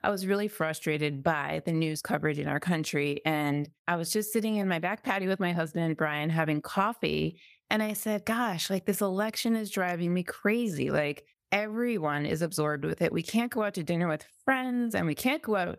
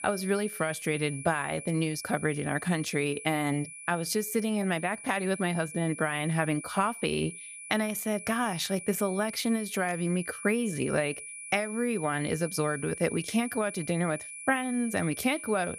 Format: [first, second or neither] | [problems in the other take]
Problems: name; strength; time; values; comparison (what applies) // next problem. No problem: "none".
first | high-pitched whine; noticeable; throughout; 10 kHz, 10 dB below the speech